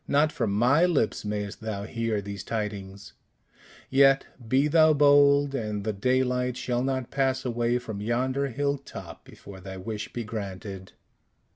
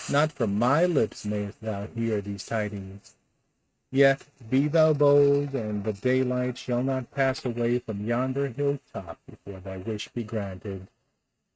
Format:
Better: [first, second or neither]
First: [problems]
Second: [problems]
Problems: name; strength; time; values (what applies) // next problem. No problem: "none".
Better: first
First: none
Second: noise reduction (neural mask model RNNoise)